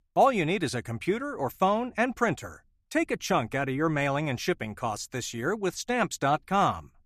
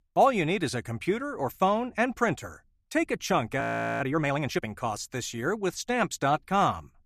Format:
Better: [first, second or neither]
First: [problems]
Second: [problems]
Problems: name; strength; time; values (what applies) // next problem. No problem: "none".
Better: first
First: none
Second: audio freezing; at 3.5 s